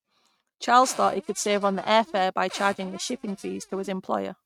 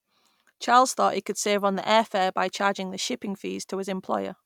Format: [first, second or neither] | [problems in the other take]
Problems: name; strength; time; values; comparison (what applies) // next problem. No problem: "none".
second | noise reduction (neural mask model RNNoise)